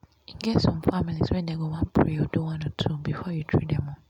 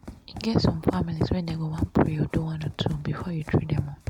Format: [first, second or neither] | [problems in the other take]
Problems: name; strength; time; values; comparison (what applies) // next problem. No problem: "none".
first | background sound (Run); 14 dB below the speech